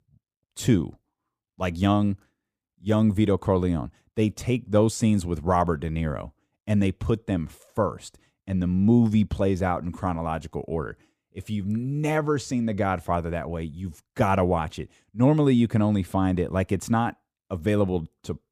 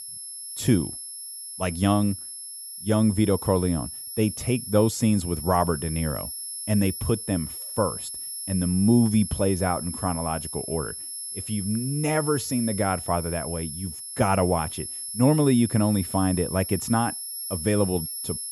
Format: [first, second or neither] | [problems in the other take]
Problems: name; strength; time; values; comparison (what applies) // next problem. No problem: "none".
first | high-pitched whine; loud; throughout; 11 kHz, 7 dB below the speech